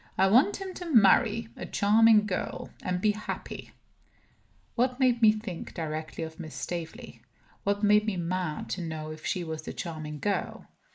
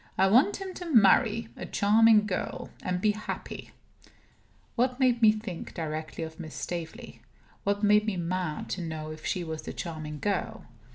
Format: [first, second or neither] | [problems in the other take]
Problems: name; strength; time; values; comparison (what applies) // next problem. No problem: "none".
second | noise reduction (neural mask model Resemble Enhance denoiser)